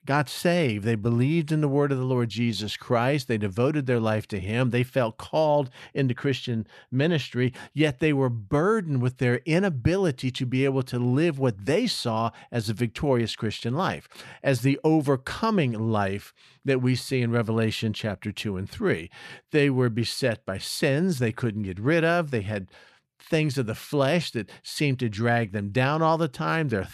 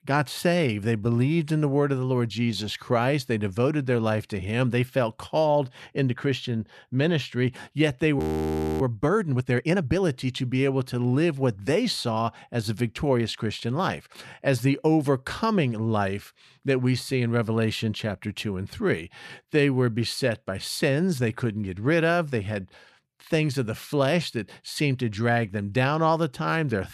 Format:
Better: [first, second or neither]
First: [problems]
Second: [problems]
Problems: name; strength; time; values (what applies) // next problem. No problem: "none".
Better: first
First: none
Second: audio freezing; at 8 s for 0.5 s